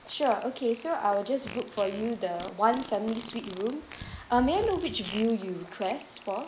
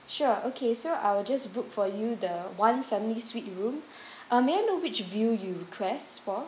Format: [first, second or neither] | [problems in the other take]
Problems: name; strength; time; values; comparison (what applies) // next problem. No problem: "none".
second | background sound (Fart); 16 dB below the speech